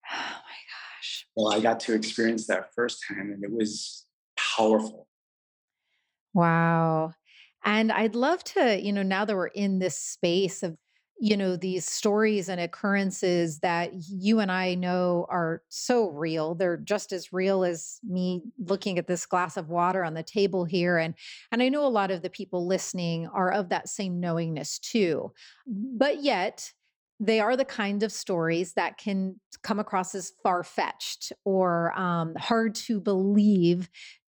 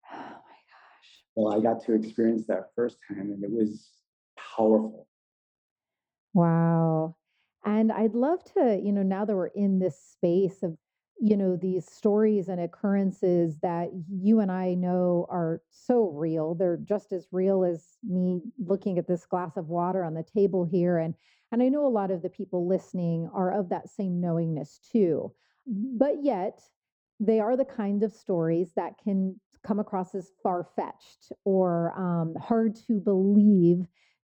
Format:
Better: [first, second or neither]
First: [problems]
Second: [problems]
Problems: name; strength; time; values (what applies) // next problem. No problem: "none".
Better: first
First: none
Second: muffled; very; fading above 1.5 kHz